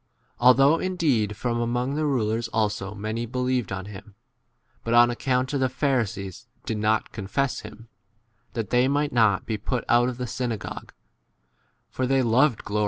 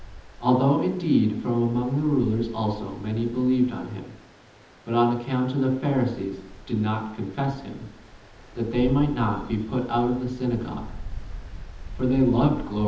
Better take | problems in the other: first | background sound (Stream); 14 dB below the speech // room echo; dies away in 0.8 s

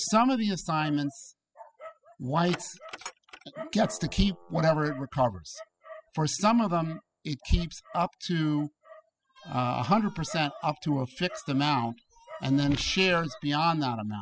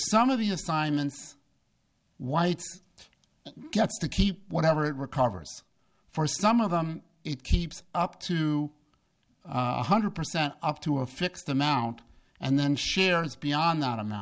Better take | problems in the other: second | noise reduction (classical method spectral subtraction)

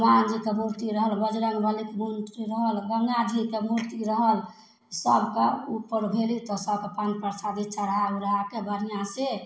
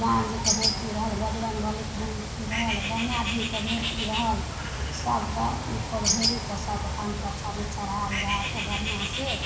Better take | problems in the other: first | background sound (Bird); 1 dB above the speech

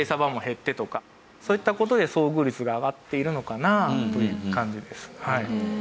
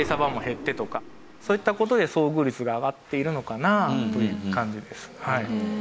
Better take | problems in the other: first | background sound (Explosion); 17 dB below the speech

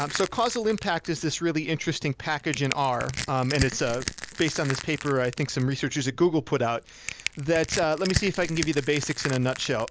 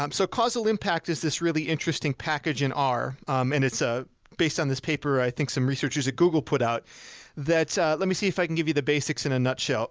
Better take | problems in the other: second | background sound (Crushing); 10 dB below the speech

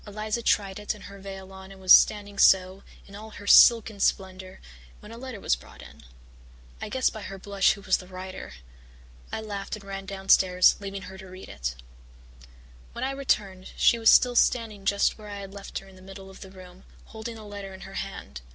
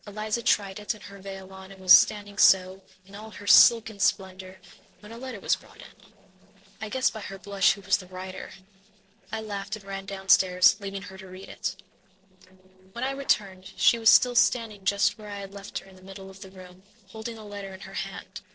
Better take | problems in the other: first | noise reduction (neural separator model SepFormer DNS4)

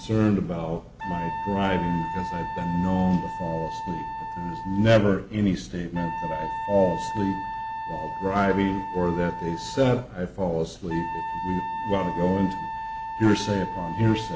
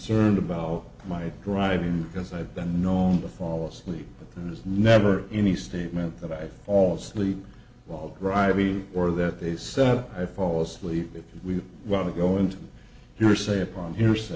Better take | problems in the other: second | background sound (Wind instrument, woodwind instrument); 7 dB below the speech

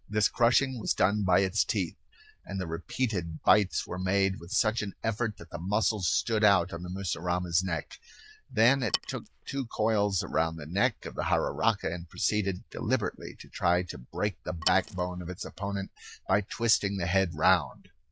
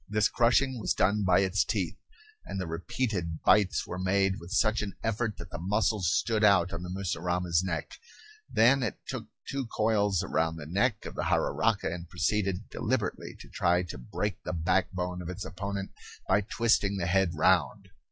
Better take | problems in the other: second | noise reduction (neural diffusion model UNIVERSE++)

